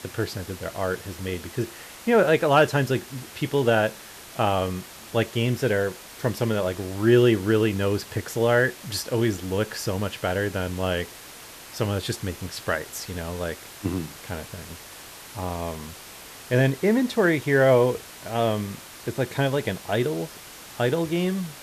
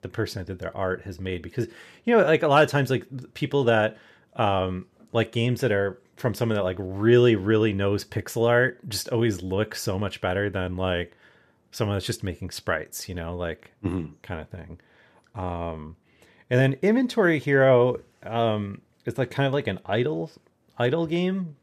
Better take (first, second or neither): second